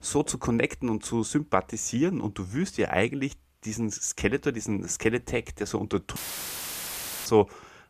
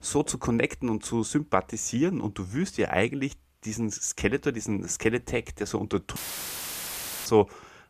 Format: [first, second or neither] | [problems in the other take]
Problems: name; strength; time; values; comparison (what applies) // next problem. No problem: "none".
neither | audio cutting out; filled with static; at 6 s for 1 s; the same in both